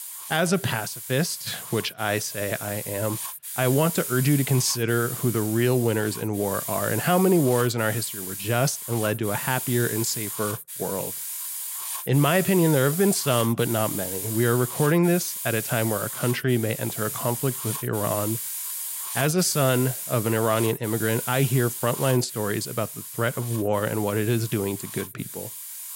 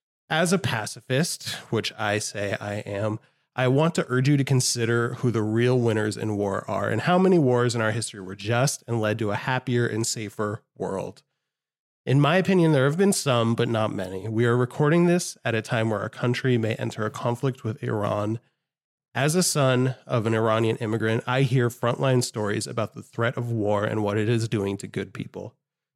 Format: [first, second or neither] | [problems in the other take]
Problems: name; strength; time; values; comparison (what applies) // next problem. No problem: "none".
second | hiss; loud; throughout; 6 dB below the speech